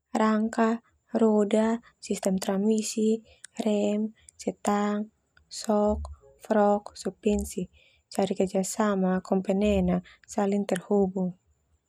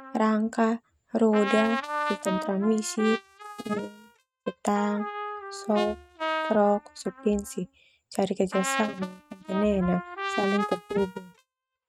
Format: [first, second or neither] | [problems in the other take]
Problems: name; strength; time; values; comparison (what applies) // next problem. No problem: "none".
first | noise reduction (neural mask model RNNoise)